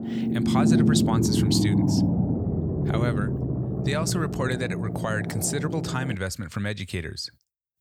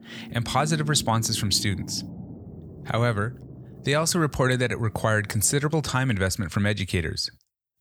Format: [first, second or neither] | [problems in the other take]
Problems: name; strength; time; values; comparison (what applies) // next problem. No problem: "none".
second | low rumble; loud; until 6 s; 1 dB below the speech; faint in the second